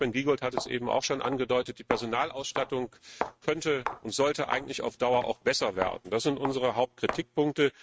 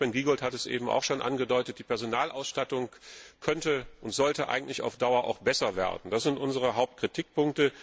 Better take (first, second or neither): second